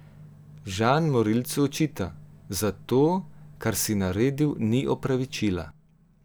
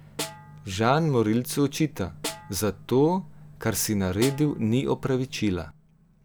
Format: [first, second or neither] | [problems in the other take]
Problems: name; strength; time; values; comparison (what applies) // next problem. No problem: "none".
first | background sound (Snare drum); 15 dB below the speech